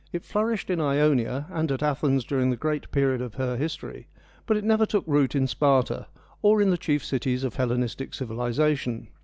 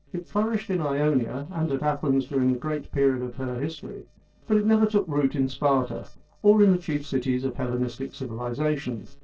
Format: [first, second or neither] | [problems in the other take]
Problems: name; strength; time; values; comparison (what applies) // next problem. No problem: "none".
first | noise reduction (neural separator model SepFormer DNS4)